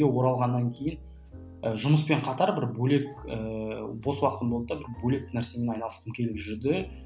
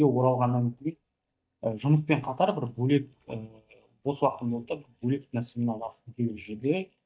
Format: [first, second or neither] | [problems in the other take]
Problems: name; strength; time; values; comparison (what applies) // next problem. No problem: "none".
first | noise reduction (neural mask model DeepFilterNet 3)